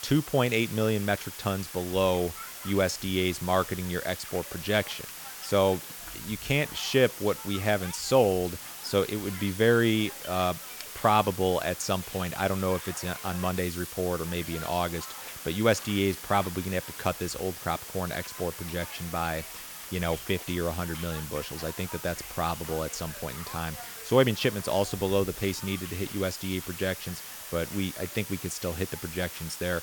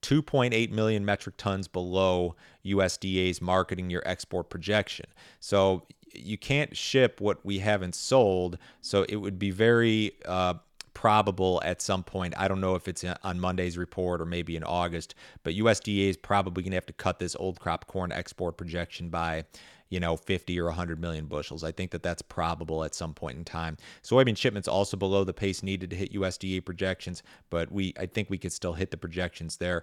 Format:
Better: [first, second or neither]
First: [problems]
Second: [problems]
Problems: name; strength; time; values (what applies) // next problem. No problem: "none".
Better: second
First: hiss; loud; throughout; 9 dB below the speech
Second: none